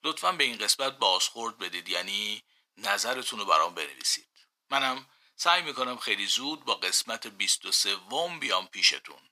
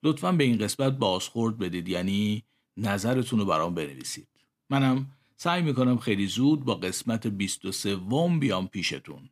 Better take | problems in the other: second | thin; very; fading below 950 Hz

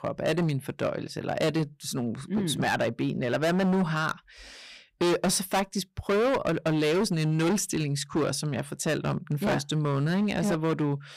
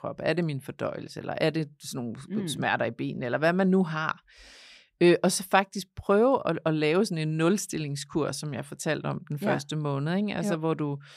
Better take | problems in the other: second | distortion; heavy; 14% of the sound clipped

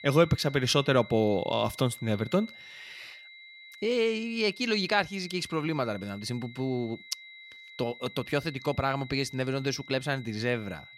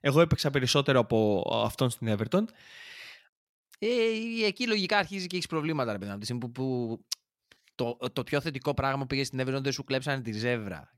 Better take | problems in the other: second | high-pitched whine; noticeable; throughout; 2 kHz, 15 dB below the speech

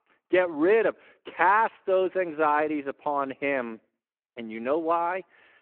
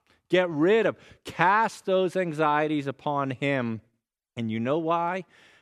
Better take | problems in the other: second | phone-call audio

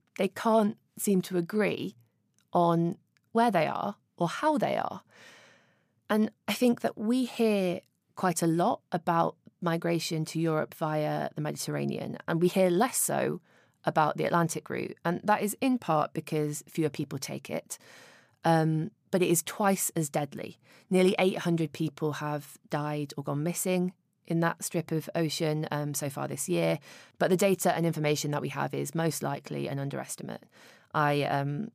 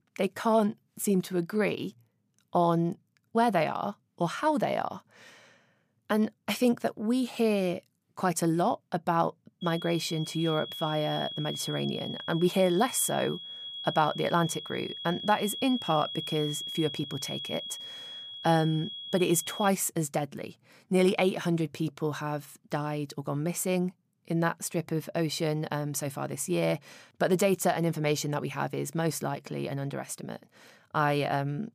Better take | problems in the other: first | high-pitched whine; loud; from 9.5 to 20 s; 3.5 kHz, 8 dB below the speech

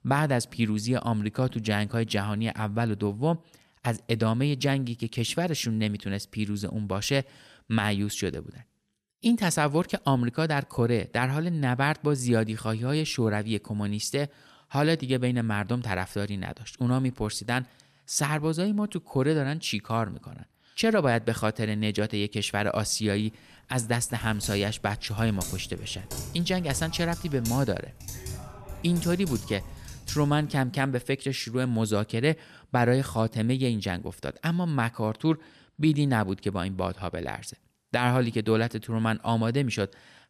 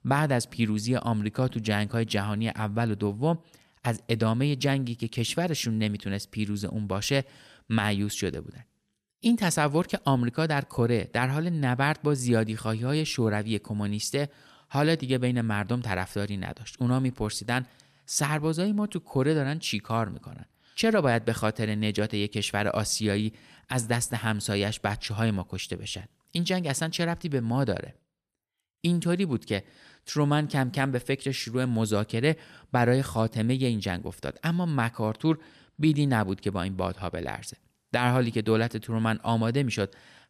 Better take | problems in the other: second | keyboard typing; noticeable; from 24 to 31 s; peak 8 dB below the speech

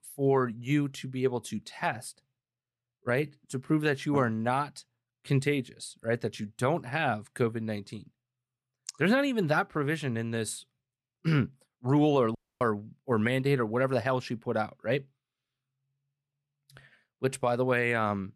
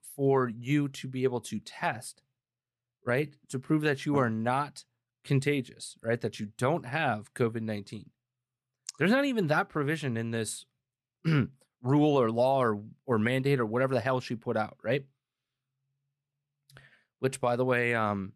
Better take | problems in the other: second | audio cutting out; at 12 s

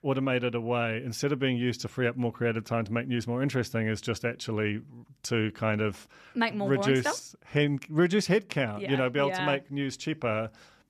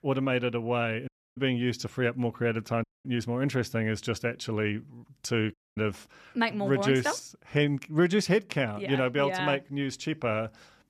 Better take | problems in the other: first | audio cutting out; at 1 s, at 3 s and at 5.5 s

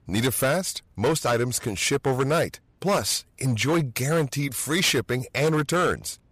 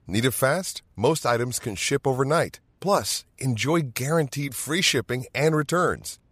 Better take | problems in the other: second | distortion; slight; 9% of the sound clipped

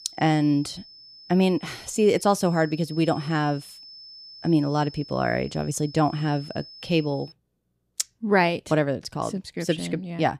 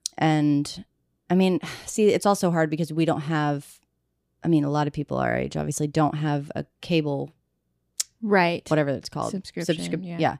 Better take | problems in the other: second | high-pitched whine; noticeable; until 7.5 s; 5.5 kHz, 20 dB below the speech

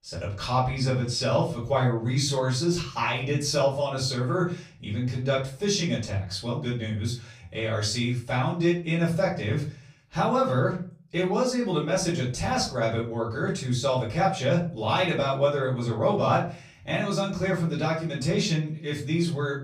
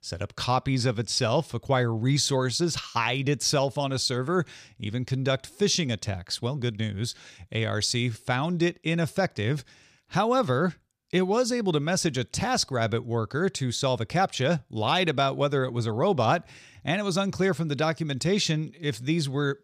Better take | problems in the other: second | room echo; slight; dies away in 0.3 s // off-mic speech; far

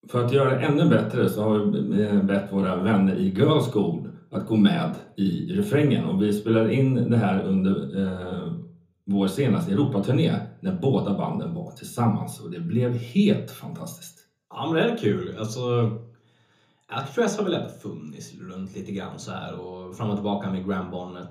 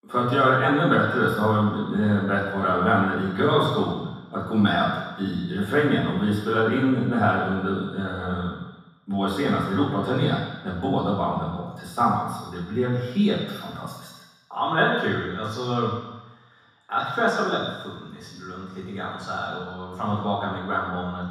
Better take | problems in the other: first | room echo; strong; dies away in 1.2 s; slight in the first // off-mic speech; far; somewhat distant in the first

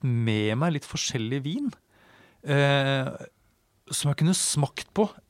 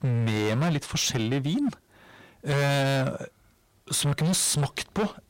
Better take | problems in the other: first | distortion; heavy; 20% of the sound clipped

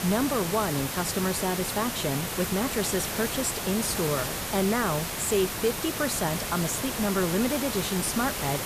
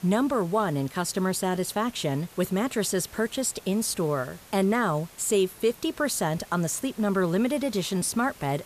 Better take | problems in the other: second | hiss; loud; throughout; 2 dB below the speech; faint in the second

